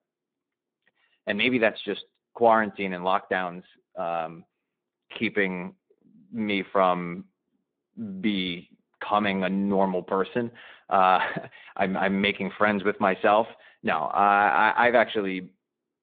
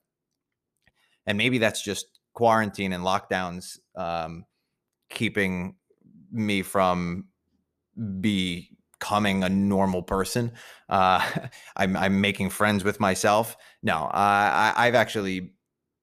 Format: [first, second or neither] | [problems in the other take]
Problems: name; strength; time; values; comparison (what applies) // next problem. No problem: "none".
second | phone-call audio; nothing above 3.5 kHz